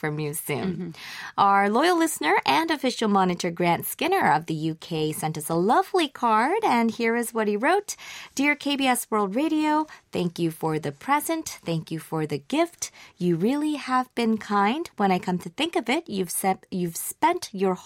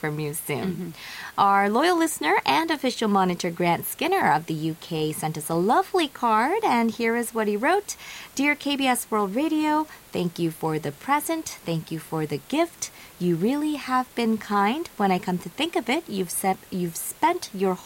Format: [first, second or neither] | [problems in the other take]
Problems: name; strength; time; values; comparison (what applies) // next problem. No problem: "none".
first | hiss; faint; throughout; 25 dB below the speech